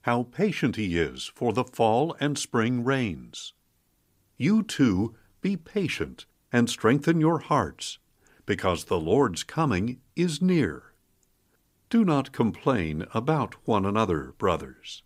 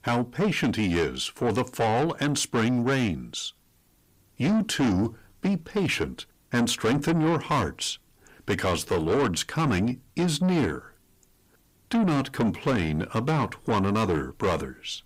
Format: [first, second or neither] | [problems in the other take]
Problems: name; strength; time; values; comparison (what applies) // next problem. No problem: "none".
first | distortion; heavy; 7 dB below the speech